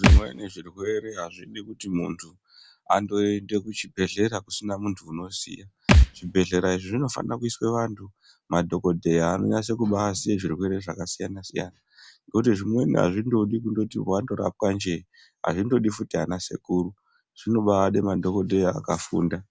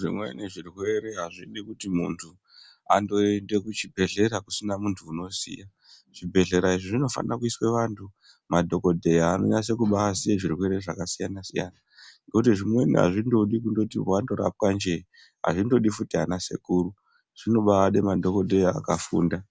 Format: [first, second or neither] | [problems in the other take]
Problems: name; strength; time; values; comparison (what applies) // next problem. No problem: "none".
second | background sound (Thump, thud); 4 dB above the speech